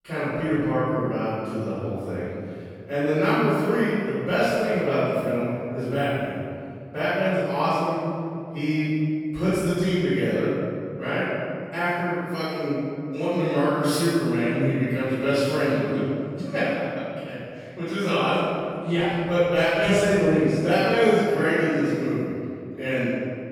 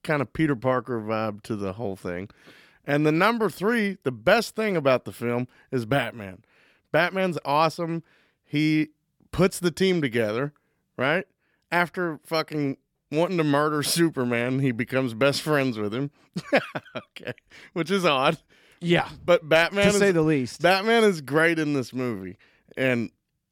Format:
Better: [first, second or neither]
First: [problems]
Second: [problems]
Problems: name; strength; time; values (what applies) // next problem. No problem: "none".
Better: second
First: off-mic speech; far // room echo; strong; dies away in 2.3 s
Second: none